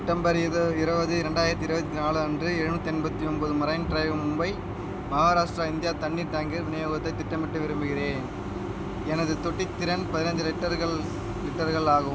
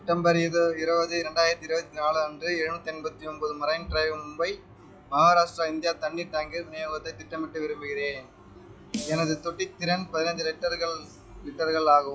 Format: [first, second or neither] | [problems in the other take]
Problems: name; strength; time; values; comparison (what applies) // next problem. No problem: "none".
first | noise reduction (classical method log-MMSE)